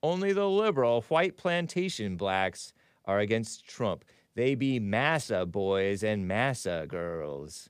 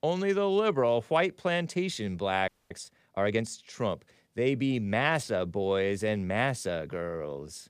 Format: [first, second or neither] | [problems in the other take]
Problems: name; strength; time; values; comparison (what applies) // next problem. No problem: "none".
first | audio freezing; at 2.5 s